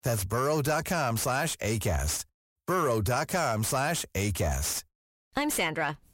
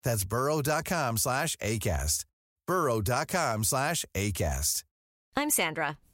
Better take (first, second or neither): second